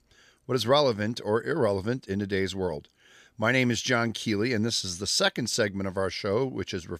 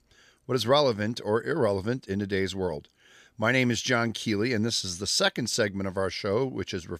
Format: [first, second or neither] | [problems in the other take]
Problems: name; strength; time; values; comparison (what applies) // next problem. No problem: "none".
neither | none